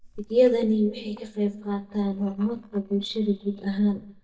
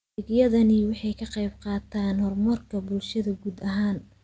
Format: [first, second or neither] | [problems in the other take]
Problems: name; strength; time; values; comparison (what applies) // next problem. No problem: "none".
second | noise reduction (neural mask model DeepFilterNet 3)